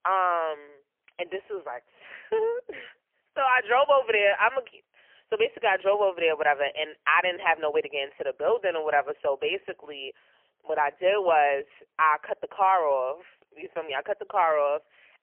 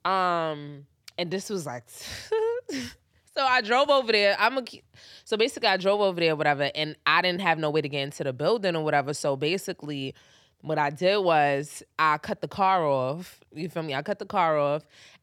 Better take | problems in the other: second | phone-call audio; poor line; nothing above 3 kHz

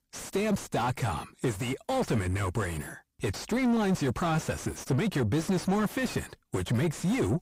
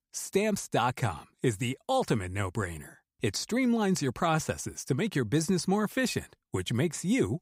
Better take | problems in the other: second | distortion; heavy; 6 dB below the speech

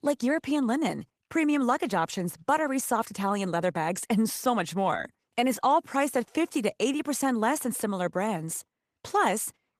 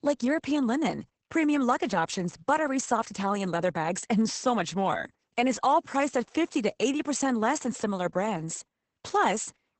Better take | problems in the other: first | garbled, watery; badly; nothing above 8 kHz; slightly in the first

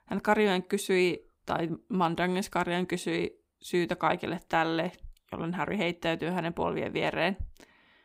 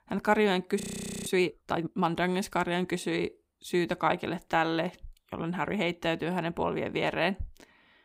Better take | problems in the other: first | audio freezing; at 1 s

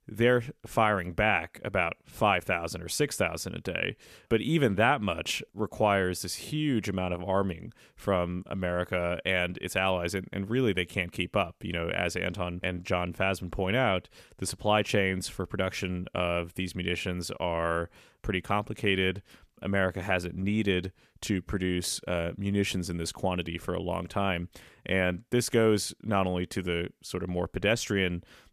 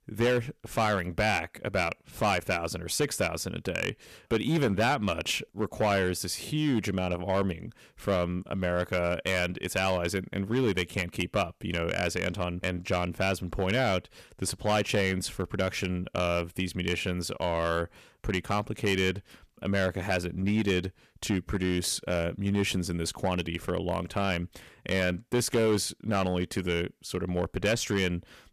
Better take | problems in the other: first | distortion; slight; 5% of the sound clipped

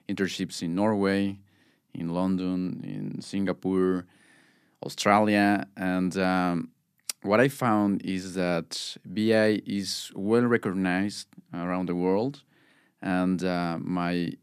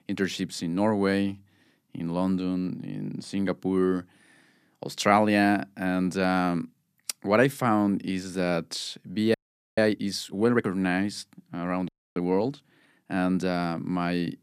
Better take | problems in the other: first | audio freezing; at 9.5 s and at 12 s

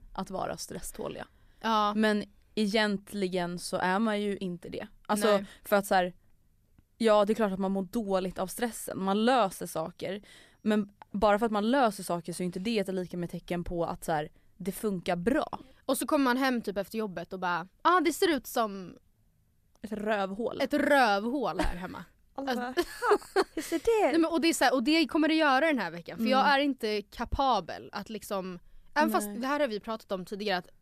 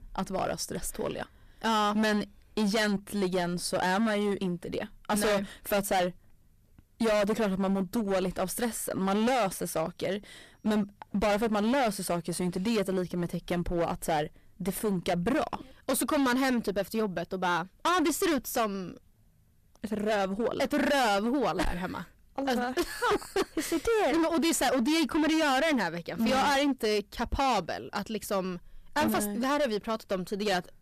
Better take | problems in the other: first | distortion; heavy; 17% of the sound clipped

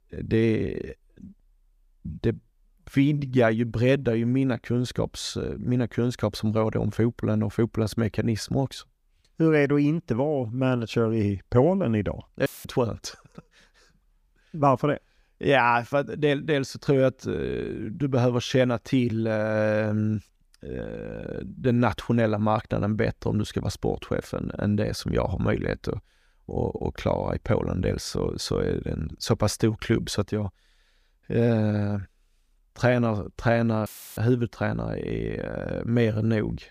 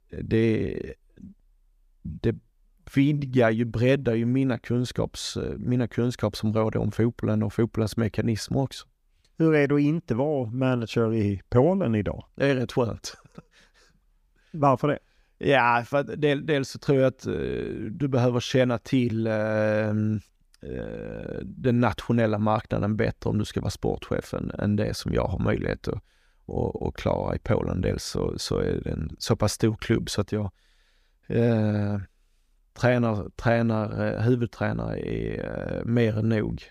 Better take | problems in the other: second | audio cutting out; filled with static; at 12 s and at 34 s

